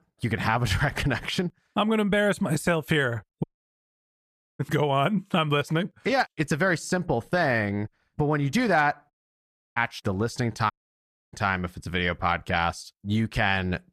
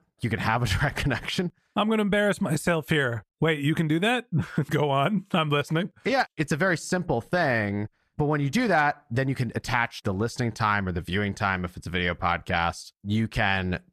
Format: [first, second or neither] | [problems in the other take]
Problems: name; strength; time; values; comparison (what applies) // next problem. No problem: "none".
second | audio cutting out; at 3.5 s for 1 s, at 9 s for 0.5 s and at 11 s for 0.5 s